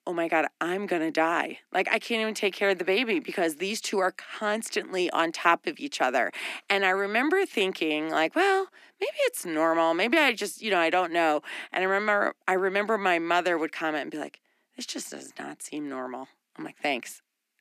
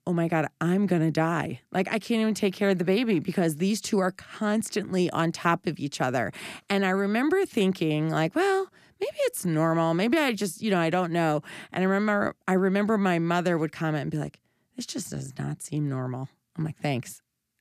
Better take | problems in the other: second | thin; somewhat; fading below 250 Hz

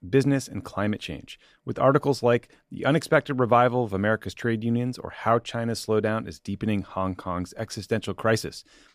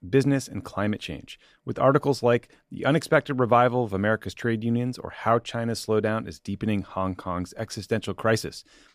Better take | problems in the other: neither | none

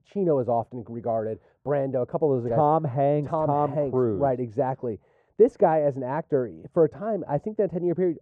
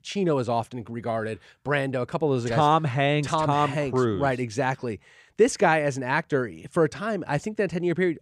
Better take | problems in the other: second | muffled; very; fading above 1.5 kHz

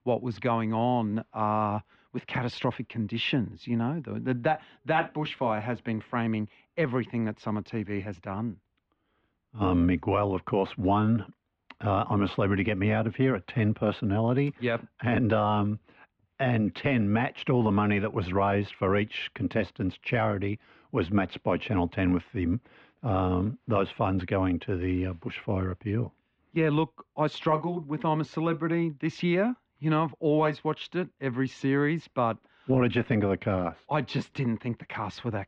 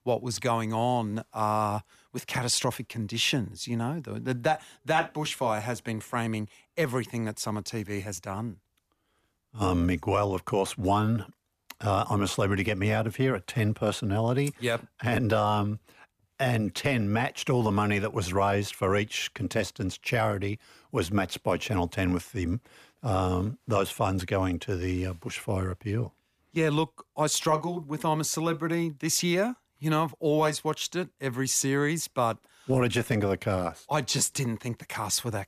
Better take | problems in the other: second | muffled; very; fading above 3 kHz

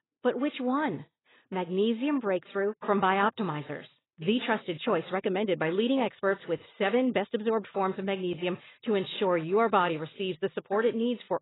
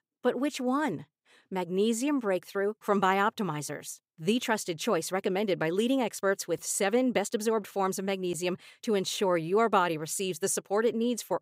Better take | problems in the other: second | garbled, watery; badly; nothing above 4 kHz

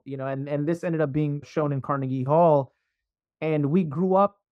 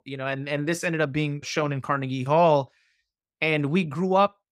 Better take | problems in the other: second | muffled; very; fading above 1.5 kHz

